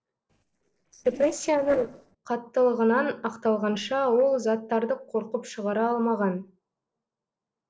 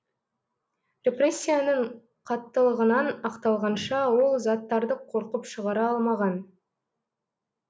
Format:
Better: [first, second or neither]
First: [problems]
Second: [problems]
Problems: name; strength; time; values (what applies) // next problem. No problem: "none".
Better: second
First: noise reduction (neural separator model SepFormer DNS4)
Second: none